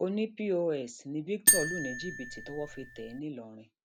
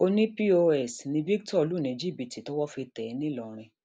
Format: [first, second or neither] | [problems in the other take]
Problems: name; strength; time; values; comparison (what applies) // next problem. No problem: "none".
second | background sound (Marimba, xylophone); 4 dB above the speech